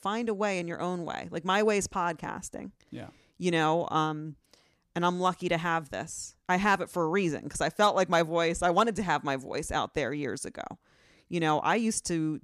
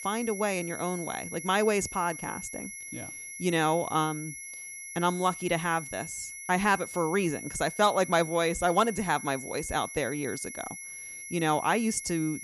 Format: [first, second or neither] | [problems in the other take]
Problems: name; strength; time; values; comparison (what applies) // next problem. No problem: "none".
first | high-pitched whine; noticeable; throughout; 2 kHz, 10 dB below the speech